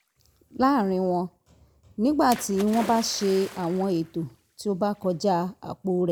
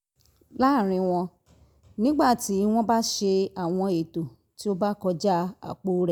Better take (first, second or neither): second